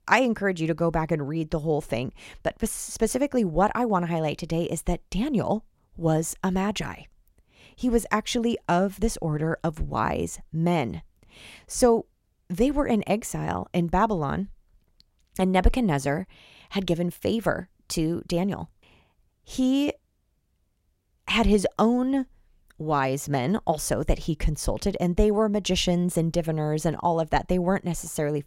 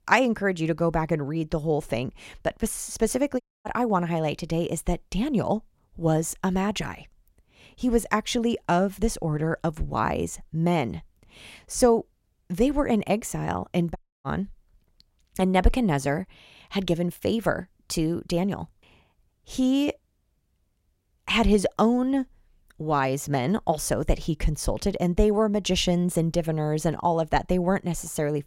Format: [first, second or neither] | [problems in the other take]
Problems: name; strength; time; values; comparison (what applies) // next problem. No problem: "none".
first | audio cutting out; at 3.5 s and at 14 s